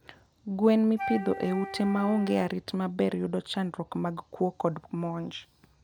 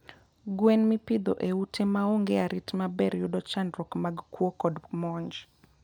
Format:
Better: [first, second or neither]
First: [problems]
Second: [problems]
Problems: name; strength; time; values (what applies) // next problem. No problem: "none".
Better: second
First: background sound (Wind instrument, woodwind instrument); 10 dB below the speech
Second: none